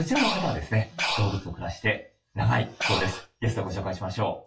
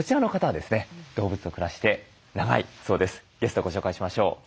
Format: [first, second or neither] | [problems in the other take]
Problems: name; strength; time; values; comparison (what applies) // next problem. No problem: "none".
second | noise reduction (classical method WPE with log-MMSE)